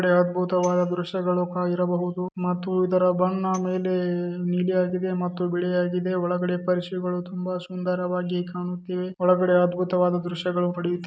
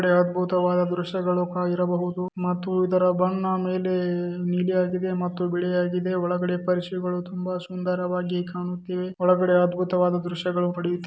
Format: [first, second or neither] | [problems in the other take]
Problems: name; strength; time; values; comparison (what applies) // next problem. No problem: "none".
second | noise reduction (neural mask model RNNoise)